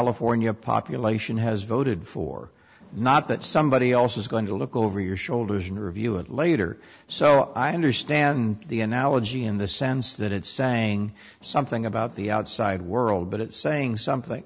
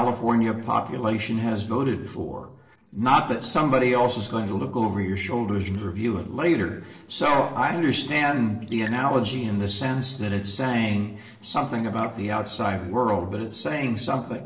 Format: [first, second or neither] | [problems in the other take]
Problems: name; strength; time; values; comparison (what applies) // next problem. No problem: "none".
first | noise reduction (neural separator model SepFormer DNS4)